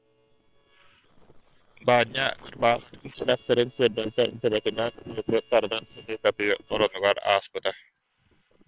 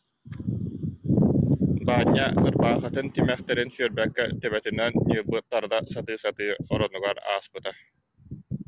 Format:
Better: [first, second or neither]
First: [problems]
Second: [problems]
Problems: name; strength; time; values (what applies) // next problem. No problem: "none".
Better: second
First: noise reduction (neural separator model SepFormer WHAM!)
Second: none